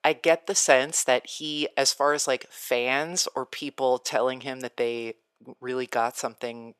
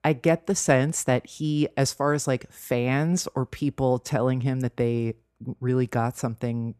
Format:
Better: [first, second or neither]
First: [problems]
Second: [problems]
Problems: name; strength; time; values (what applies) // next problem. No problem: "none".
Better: second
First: thin; very; fading below 600 Hz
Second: none